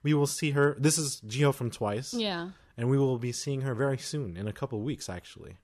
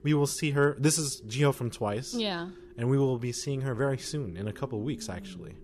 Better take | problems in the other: first | low rumble; faint; throughout; 20 dB below the speech

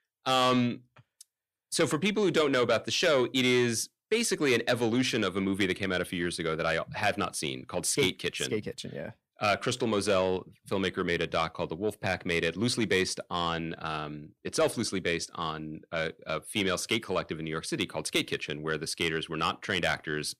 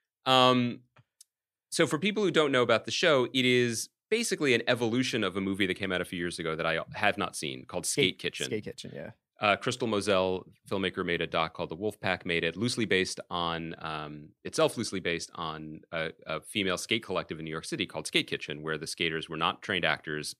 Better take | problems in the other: second | distortion; slight; 10 dB below the speech

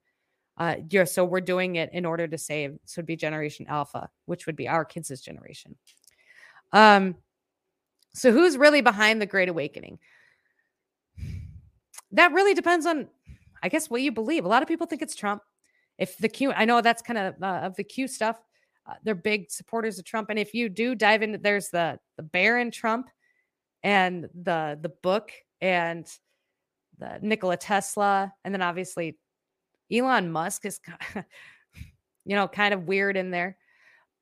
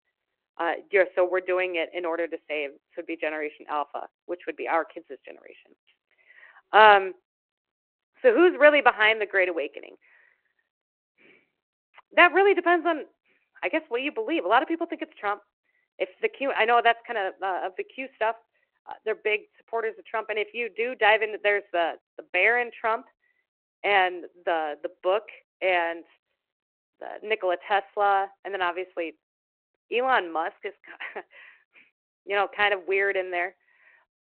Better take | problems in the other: first | phone-call audio

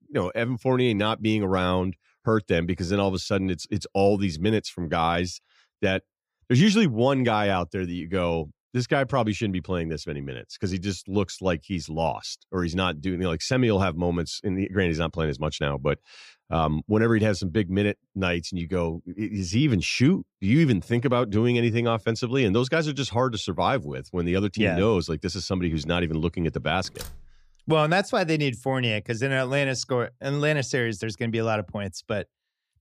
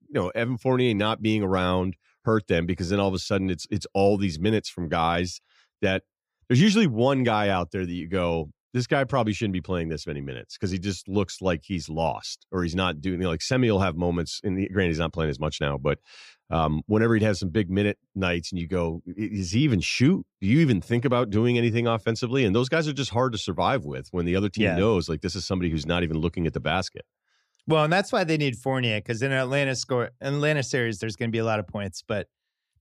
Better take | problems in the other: second | door banging; faint; at 27 s; peak 15 dB below the speech

